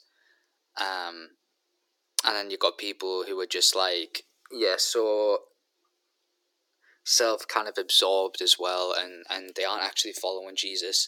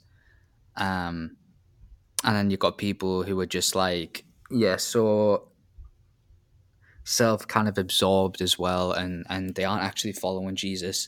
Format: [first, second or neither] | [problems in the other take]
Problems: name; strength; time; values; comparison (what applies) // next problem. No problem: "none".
second | thin; very; fading below 350 Hz